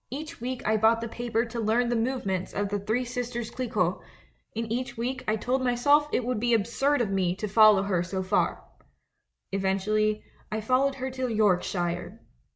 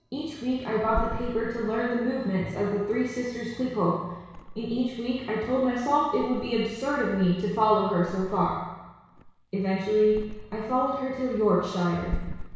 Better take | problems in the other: first | background sound (Thump, thud); 14 dB below the speech // room echo; dies away in 1.1 s

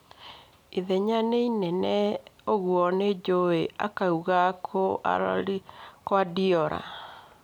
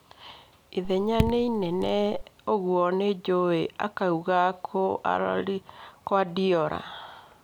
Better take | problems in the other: first | background sound (Raindrop / Drip); 6 dB below the speech

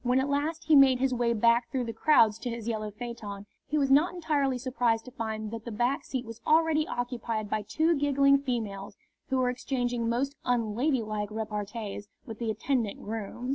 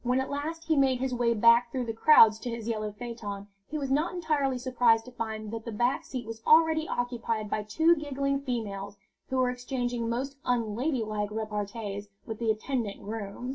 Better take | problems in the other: first | room echo; dies away in 0.2 s

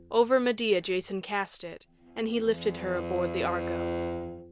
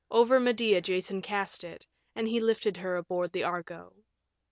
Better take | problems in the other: second | background sound (Bowed string instrument); 8 dB below the speech

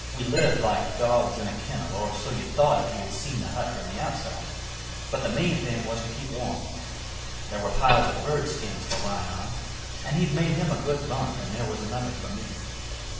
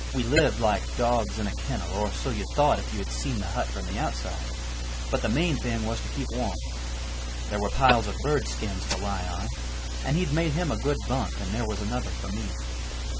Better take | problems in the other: second | room echo; dies away in 0.9 s

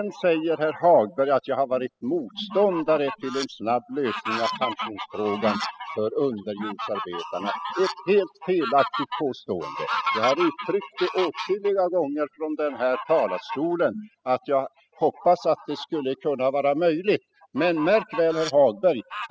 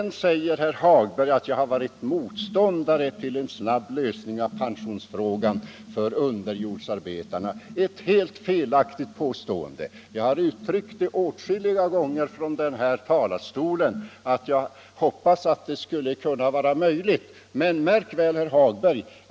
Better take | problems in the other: second | noise reduction (classical method spectral subtraction)

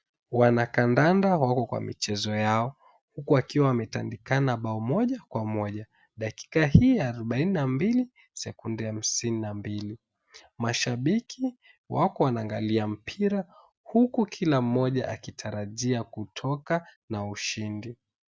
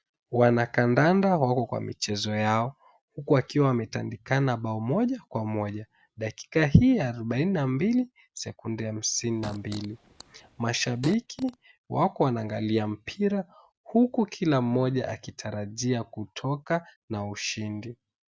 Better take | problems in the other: first | background sound (Fart); 17 dB below the speech

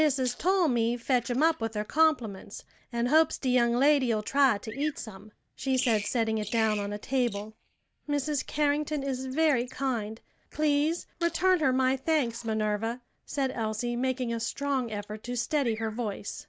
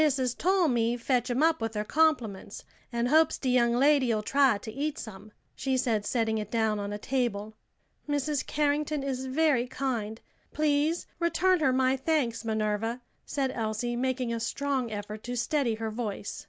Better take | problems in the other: second | noise reduction (neural mask model DeepFilterNet 3)

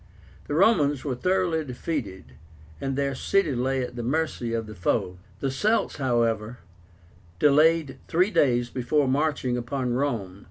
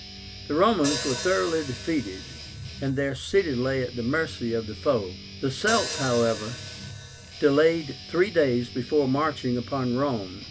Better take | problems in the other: first | background sound (Hi-hat + Guitar); 12 dB below the speech

